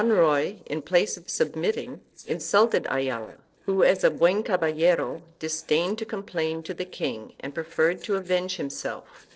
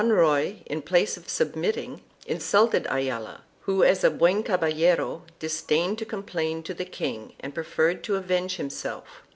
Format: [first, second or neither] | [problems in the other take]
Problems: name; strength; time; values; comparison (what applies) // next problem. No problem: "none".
second | noise reduction (neural separator model SepFormer DNS4)